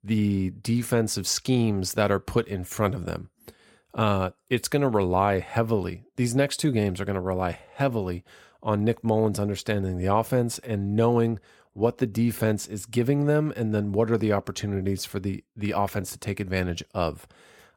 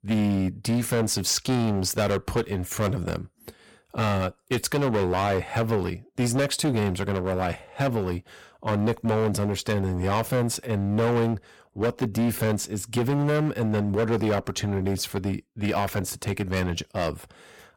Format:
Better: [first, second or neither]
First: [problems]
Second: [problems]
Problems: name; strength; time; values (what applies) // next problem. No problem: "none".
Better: first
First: none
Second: distortion; heavy; 13% of the sound clipped